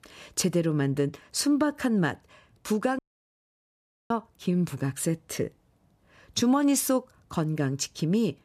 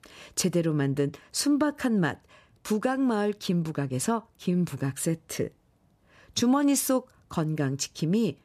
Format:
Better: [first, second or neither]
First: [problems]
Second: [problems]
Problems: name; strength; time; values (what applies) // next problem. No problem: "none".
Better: second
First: audio cutting out; at 3 s for 1 s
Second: none